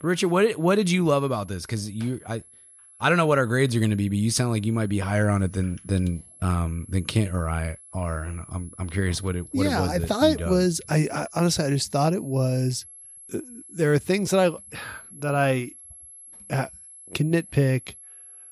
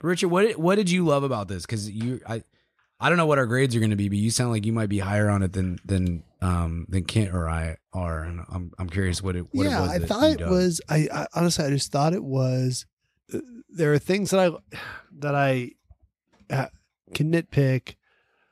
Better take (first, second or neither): second